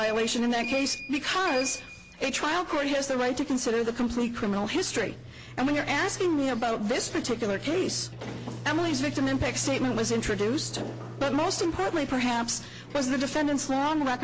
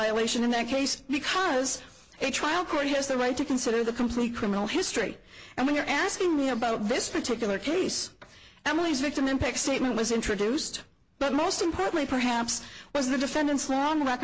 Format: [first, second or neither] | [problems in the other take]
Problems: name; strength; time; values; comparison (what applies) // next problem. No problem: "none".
second | background sound (Sliding door); 13 dB below the speech